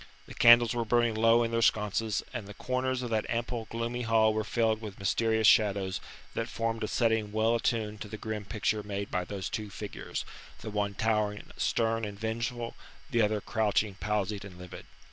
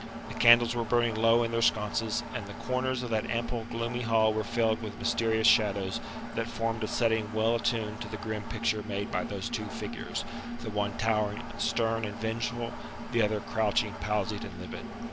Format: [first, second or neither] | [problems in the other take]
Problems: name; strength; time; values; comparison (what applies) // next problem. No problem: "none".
first | background sound (Engine); 9 dB below the speech